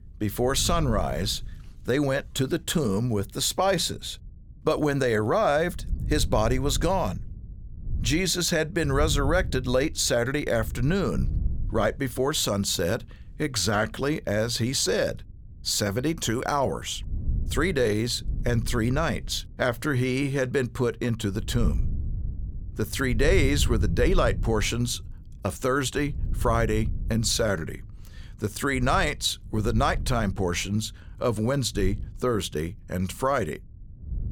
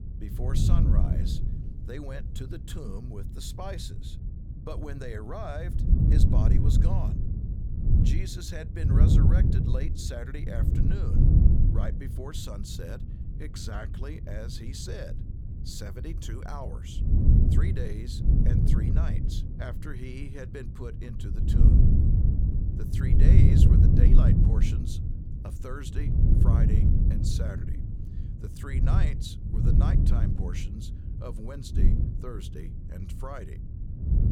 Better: first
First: wind noise on the microphone; occasional gusts; 20 dB below the speech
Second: wind noise on the microphone; heavy; 4 dB above the speech

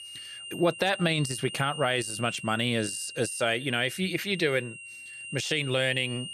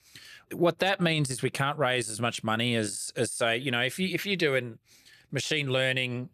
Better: second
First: high-pitched whine; noticeable; throughout; 3 kHz, 10 dB below the speech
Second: none

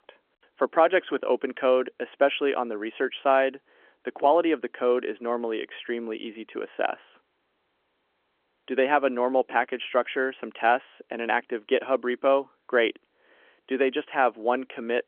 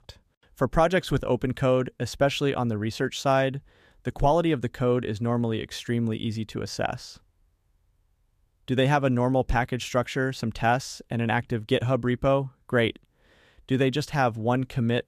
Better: second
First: phone-call audio; nothing above 3.5 kHz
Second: none

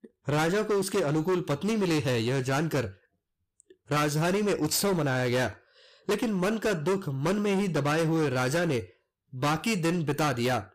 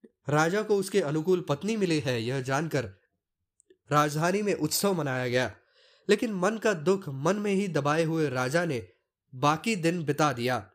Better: second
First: distortion; heavy; 19% of the sound clipped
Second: none

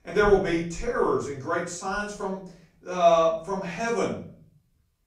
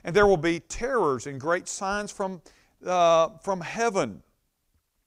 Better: second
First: off-mic speech; far // room echo; noticeable; dies away in 0.5 s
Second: none

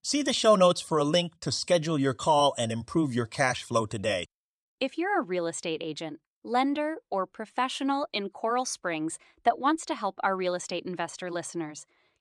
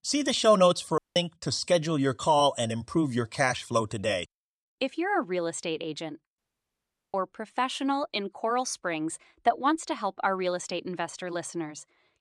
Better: first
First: none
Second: audio cutting out; at 1 s and at 6.5 s for 1 s

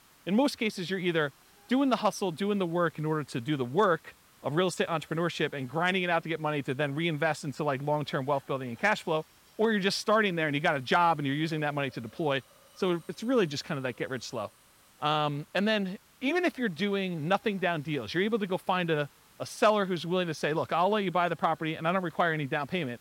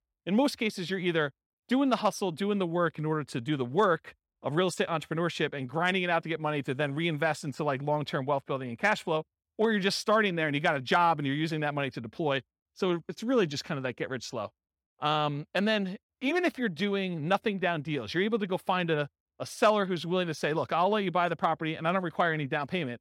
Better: second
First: hiss; faint; throughout; 30 dB below the speech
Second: none

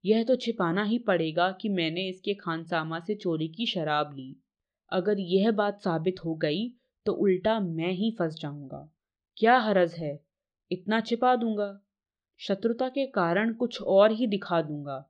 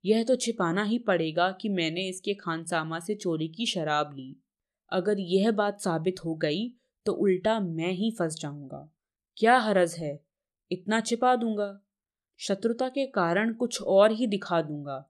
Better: second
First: muffled; very slightly; fading above 4 kHz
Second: none

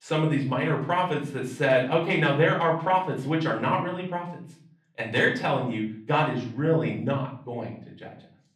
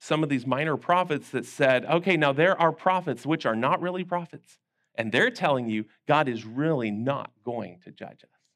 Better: second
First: off-mic speech; far // room echo; slight; dies away in 0.5 s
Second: none

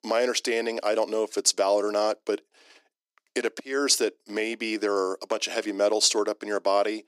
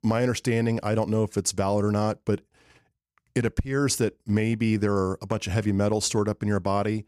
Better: second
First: thin; very; fading below 300 Hz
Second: none

